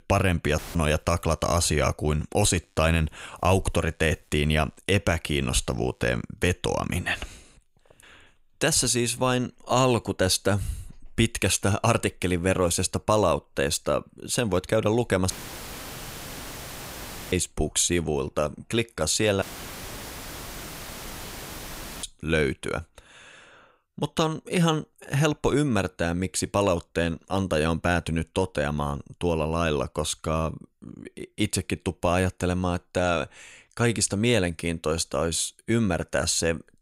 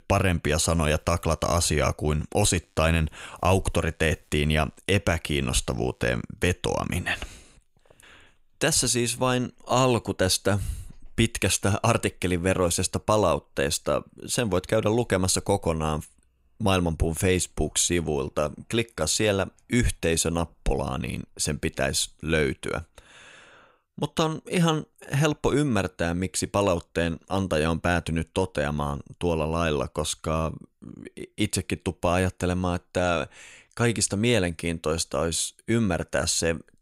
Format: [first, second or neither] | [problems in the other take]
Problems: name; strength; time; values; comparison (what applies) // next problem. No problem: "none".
second | audio cutting out; filled with static; at 0.5 s, at 15 s for 2 s and at 19 s for 2.5 s